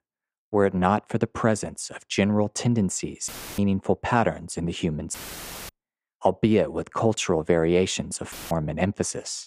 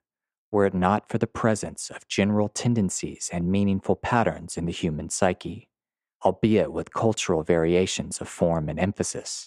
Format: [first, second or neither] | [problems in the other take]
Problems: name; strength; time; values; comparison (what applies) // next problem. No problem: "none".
second | audio cutting out; filled with static; at 3.5 s, at 5 s for 0.5 s and at 8.5 s